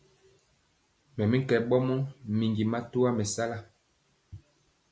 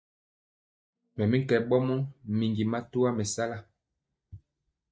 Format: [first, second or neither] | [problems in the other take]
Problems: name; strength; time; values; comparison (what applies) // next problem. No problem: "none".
first | noise reduction (neural mask model DeepFilterNet 3)